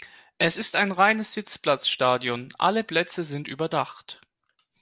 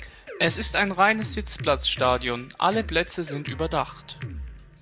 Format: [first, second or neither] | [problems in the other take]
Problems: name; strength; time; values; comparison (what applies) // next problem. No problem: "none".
first | background sound (Drum kit); 11 dB below the speech